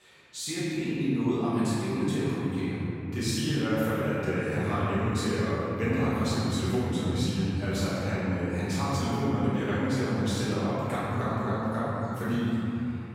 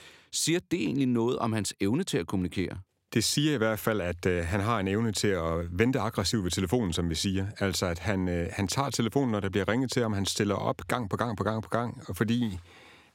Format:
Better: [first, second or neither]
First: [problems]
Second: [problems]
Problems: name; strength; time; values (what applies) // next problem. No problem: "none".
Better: second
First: room echo; strong; dies away in 3 s // off-mic speech; far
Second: none